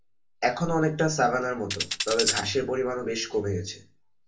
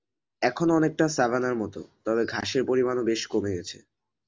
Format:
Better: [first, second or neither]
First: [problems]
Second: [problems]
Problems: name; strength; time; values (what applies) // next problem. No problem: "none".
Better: second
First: background sound (Tambourine); 3 dB below the speech // room echo; dies away in 0.2 s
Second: none